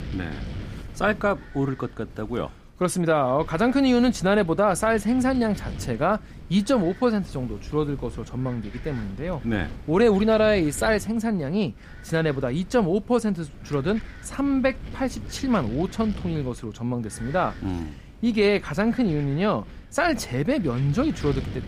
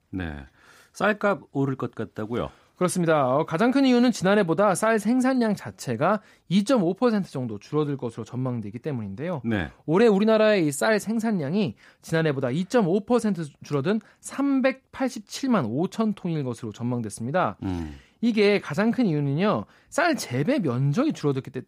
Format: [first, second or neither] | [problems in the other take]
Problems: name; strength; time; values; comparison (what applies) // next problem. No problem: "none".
second | wind noise on the microphone; occasional gusts; 20 dB below the speech